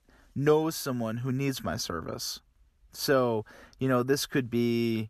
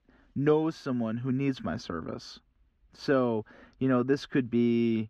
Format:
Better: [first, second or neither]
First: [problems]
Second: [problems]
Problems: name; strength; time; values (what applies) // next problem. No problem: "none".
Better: first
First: none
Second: muffled; slightly; fading above 3 kHz